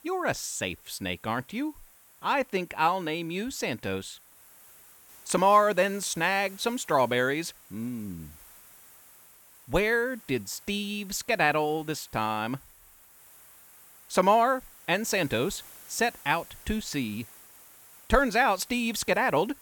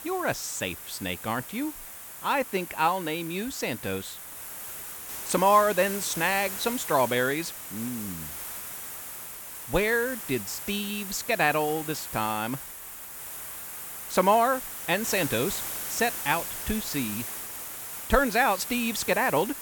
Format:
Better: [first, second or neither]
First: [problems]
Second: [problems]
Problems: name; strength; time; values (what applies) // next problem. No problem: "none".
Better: first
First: hiss; faint; throughout; 20 dB below the speech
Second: hiss; loud; throughout; 8 dB below the speech